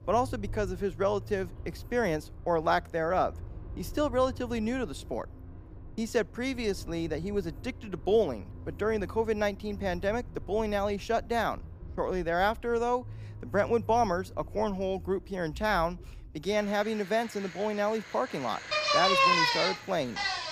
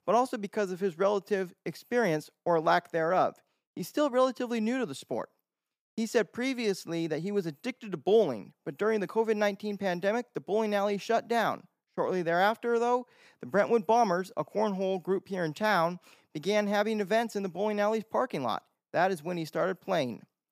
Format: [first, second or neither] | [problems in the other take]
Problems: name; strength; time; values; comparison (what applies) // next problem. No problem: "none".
second | traffic noise; loud; throughout; 4 dB below the speech